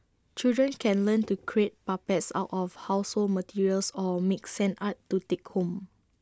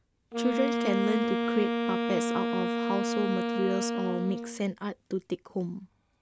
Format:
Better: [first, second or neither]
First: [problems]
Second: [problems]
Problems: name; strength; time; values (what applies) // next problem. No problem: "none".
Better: first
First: none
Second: background sound (Wind instrument, woodwind instrument); 1 dB above the speech